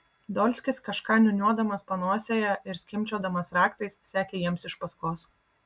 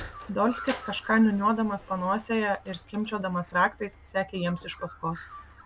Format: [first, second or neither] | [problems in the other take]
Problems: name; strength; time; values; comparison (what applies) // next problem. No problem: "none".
first | background sound (Bird + Sliding door); 16 dB below the speech